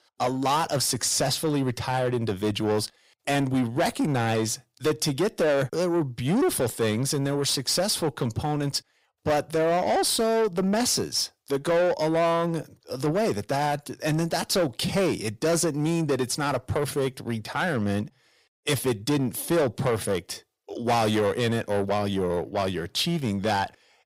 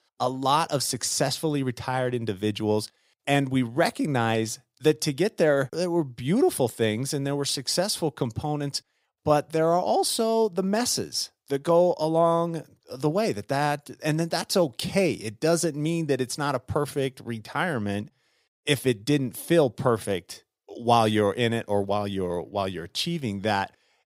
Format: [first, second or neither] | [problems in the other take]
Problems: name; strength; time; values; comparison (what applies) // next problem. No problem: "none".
second | distortion; heavy; 8 dB below the speech